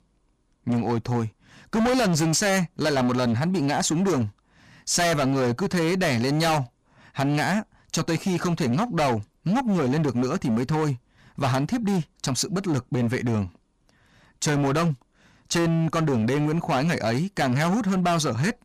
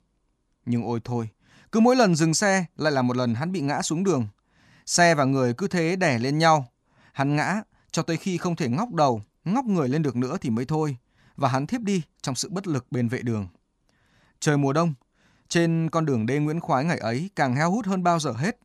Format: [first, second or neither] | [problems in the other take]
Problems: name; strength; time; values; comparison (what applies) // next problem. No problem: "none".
second | distortion; heavy; 20% of the sound clipped